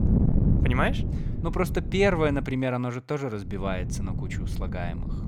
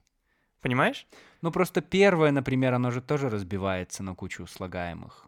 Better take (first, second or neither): second